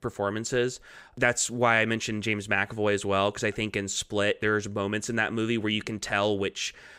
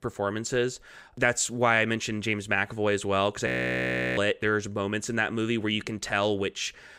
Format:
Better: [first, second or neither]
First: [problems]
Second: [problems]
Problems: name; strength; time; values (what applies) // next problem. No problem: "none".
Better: first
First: none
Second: audio freezing; at 3.5 s for 0.5 s